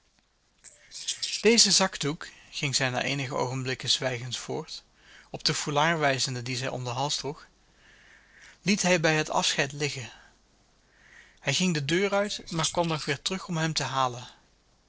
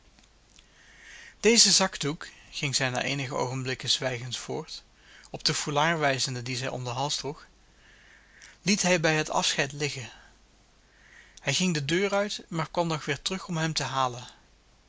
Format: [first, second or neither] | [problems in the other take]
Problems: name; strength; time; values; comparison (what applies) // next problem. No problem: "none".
second | noise reduction (neural separator model SepFormer DNS4)